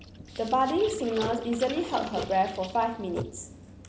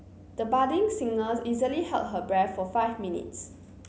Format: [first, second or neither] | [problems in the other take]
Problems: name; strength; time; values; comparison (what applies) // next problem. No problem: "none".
second | background sound (Writing + Water / Splash, splatter); 12 dB below the speech